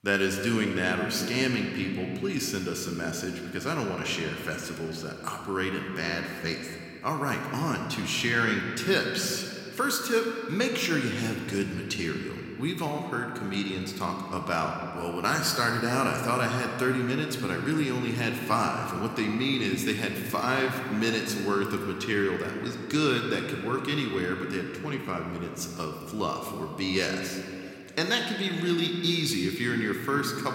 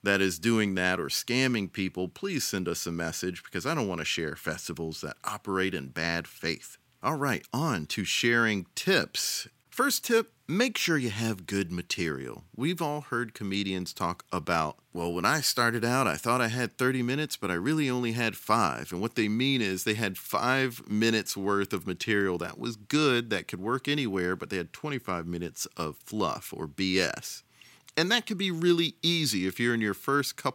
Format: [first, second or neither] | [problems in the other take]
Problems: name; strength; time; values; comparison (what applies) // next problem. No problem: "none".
second | room echo; slight; dies away in 2.5 s